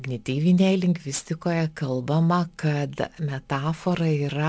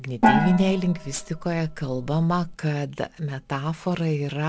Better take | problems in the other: first | background sound (Gong); 1 dB below the speech

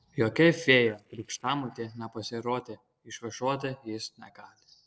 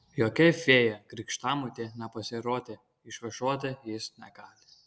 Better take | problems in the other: second | noise reduction (neural separator model SepFormer DNS4)

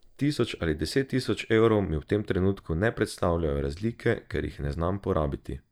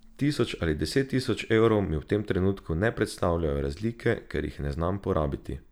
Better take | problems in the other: second | noise reduction (neural mask model DeepFilterNet 3)

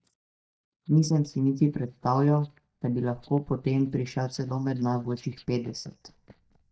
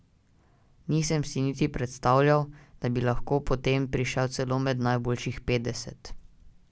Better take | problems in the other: second | noise reduction (neural mask model DeepFilterNet 3)

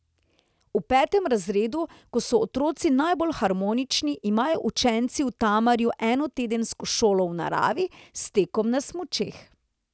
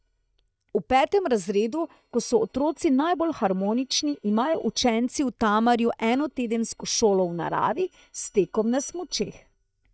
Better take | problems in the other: first | noise reduction (neural mask model DeepFilterNet 3)

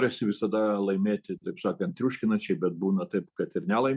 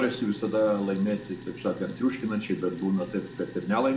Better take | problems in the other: first | background sound (Sink (filling or washing)); 16 dB below the speech // room echo; dies away in 0.8 s

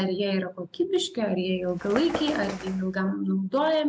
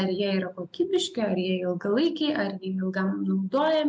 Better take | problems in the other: second | background sound (Bird); 12 dB below the speech

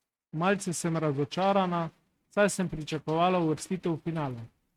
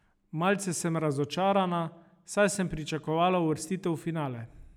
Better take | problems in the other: second | noise reduction (neural mask model RNNoise)

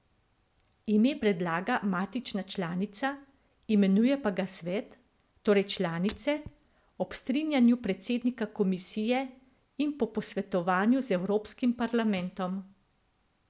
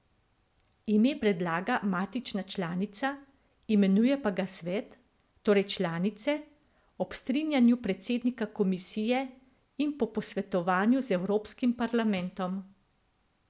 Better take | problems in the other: second | background sound (Shatter); 20 dB below the speech

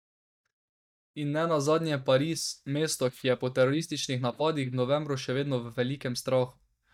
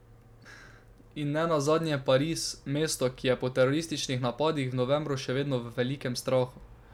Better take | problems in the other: second | noise reduction (neural mask model DeepFilterNet 3)

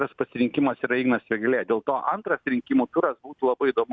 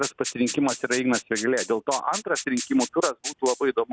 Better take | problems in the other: first | background sound (Rattle (instrument)); 9 dB below the speech

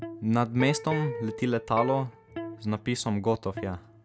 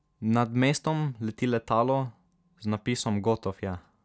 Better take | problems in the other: second | background sound (Electric guitar); 10 dB below the speech

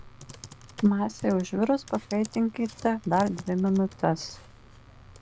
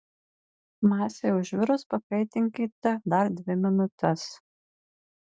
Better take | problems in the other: second | background sound (Computer keyboard); 19 dB below the speech

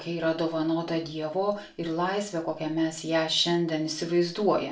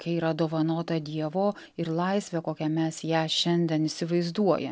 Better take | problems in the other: second | room echo; dies away in 0.3 s

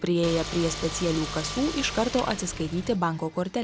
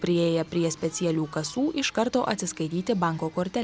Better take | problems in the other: second | background sound (Car); 8 dB below the speech

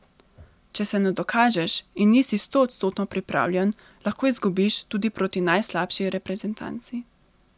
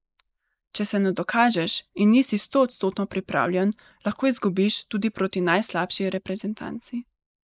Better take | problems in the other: first | noise reduction (neural mask model Resemble Enhance denoiser)

